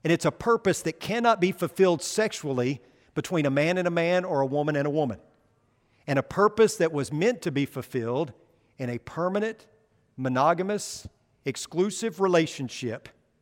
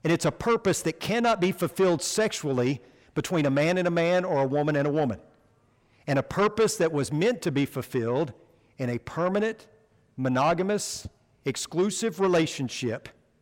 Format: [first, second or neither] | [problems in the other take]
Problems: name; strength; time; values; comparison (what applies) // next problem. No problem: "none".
first | distortion; slight; 10 dB below the speech